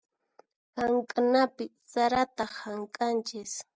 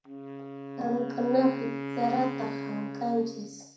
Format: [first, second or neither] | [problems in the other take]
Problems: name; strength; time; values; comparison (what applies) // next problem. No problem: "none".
first | background sound (Wind instrument, woodwind instrument); 7 dB below the speech // room echo; dies away in 0.6 s